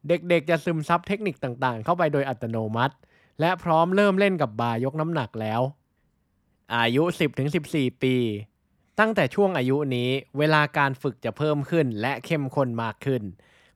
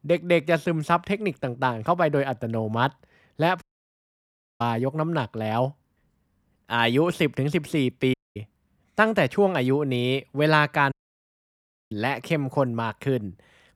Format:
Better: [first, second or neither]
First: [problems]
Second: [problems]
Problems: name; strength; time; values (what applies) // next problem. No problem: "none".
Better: first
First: none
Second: audio cutting out; at 3.5 s for 1 s, at 8 s and at 11 s for 1 s